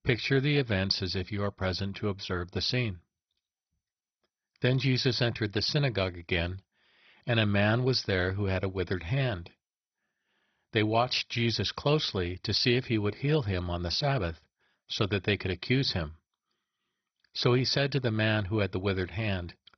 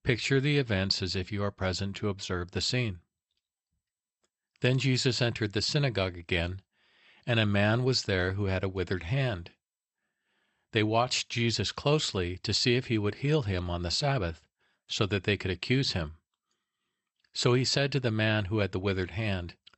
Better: second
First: garbled, watery; badly; nothing above 5.5 kHz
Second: garbled, watery; slightly; nothing above 8 kHz

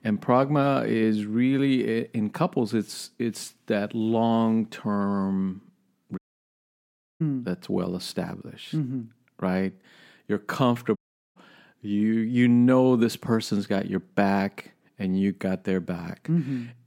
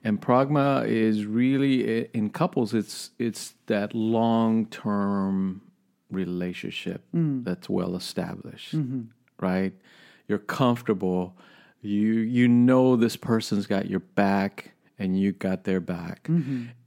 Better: second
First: audio cutting out; at 6 s for 1 s and at 11 s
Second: none

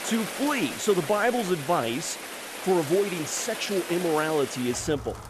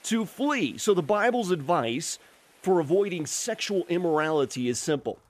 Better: second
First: rain or running water; loud; throughout; 8 dB below the speech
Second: rain or running water; faint; throughout; 30 dB below the speech

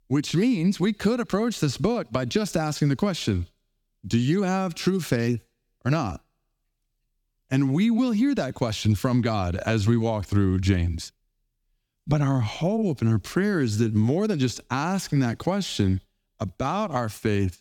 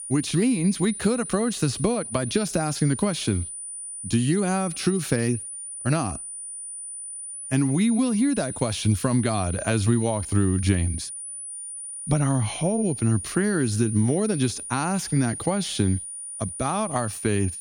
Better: first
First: none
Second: high-pitched whine; loud; throughout; 9.5 kHz, 8 dB below the speech

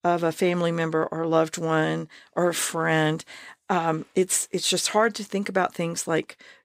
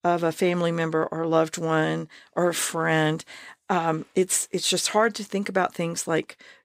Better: neither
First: none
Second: none

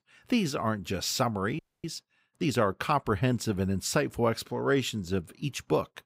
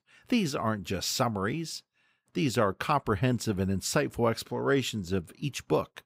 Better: second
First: audio freezing; at 1.5 s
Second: none

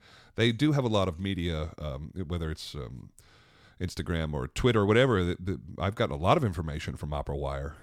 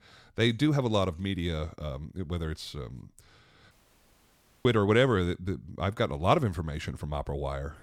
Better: first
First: none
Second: audio cutting out; at 3.5 s for 1 s

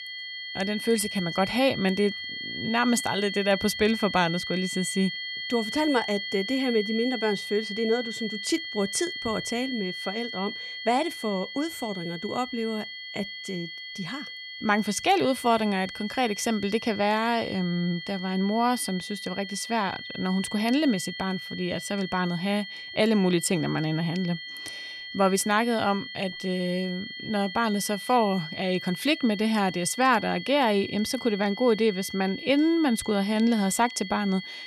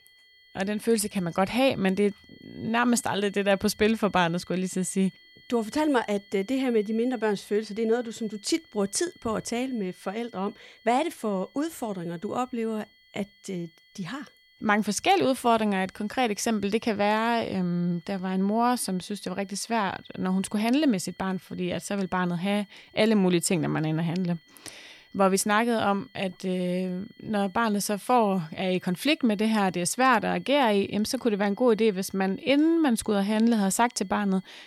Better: second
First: high-pitched whine; loud; throughout; 2 kHz, 8 dB below the speech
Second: high-pitched whine; faint; throughout; 2 kHz, 30 dB below the speech

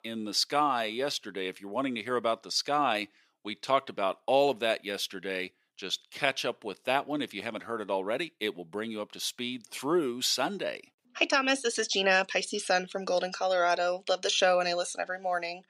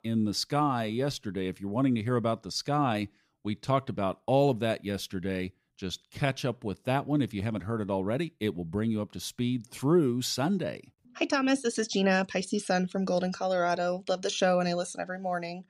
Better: second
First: thin; somewhat; fading below 450 Hz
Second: none

